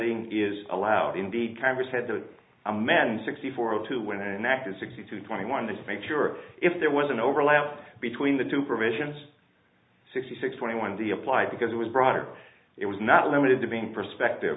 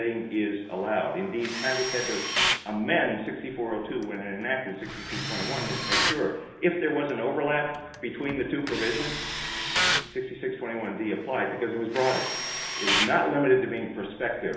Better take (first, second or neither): first